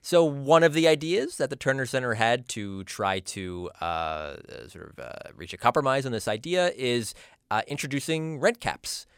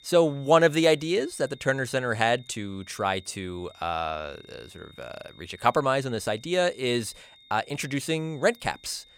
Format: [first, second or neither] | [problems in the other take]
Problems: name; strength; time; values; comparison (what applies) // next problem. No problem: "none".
first | high-pitched whine; faint; throughout; 3.5 kHz, 25 dB below the speech